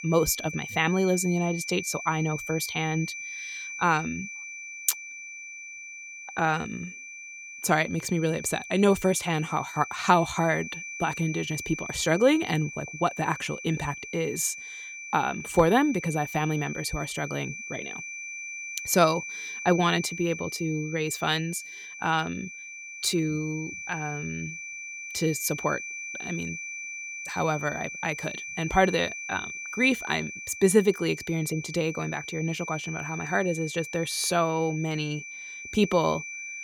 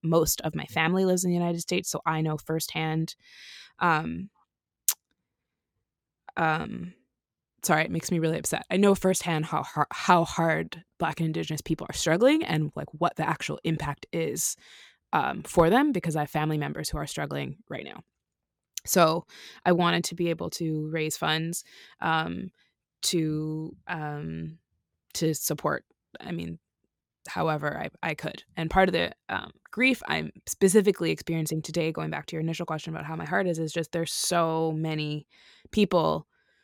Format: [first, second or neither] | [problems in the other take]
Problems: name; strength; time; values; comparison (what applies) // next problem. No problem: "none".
second | high-pitched whine; loud; throughout; 2.5 kHz, 9 dB below the speech